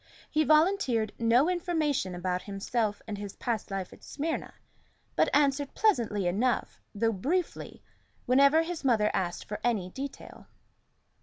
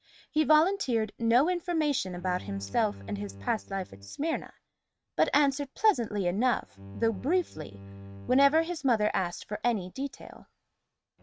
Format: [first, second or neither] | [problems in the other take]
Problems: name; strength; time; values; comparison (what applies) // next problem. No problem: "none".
first | noise reduction (neural mask model RNNoise)